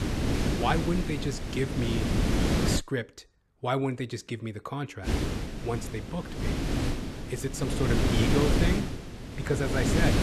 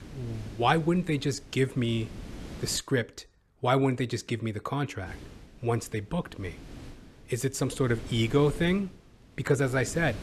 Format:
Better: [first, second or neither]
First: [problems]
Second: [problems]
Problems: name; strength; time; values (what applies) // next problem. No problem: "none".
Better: second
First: wind noise on the microphone; heavy; until 3 s and from 5 s on; as loud as the speech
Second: wind noise on the microphone; occasional gusts; until 3 s and from 5 s on; 20 dB below the speech